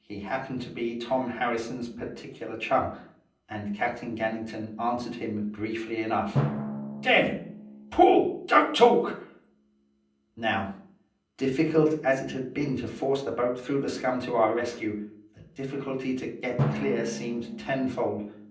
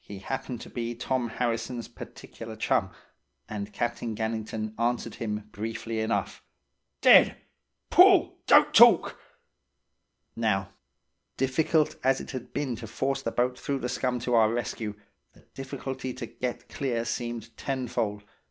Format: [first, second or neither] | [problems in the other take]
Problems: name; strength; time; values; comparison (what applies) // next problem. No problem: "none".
second | background sound (Drum); 11 dB below the speech // room echo; dies away in 0.6 s